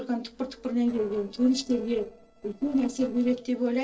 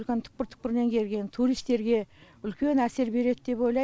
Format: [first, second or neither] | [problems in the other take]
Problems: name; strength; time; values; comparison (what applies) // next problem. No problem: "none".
second | noise reduction (neural separator model SepFormer DNS4)